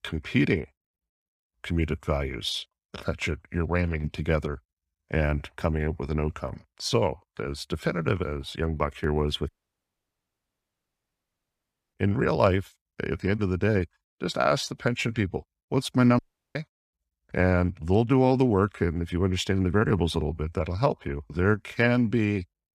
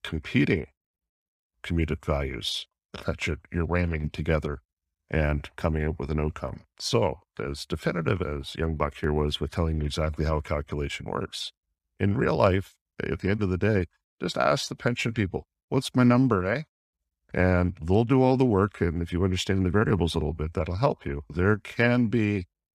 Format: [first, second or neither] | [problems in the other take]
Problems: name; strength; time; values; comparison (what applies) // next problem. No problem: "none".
second | audio cutting out; at 9.5 s for 2.5 s and at 16 s